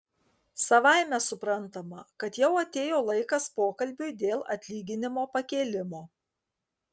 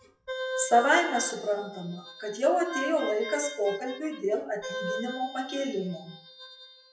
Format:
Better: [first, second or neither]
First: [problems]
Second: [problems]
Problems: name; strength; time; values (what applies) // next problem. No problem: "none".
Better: first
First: none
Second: noise reduction (classical method WPE with log-MMSE)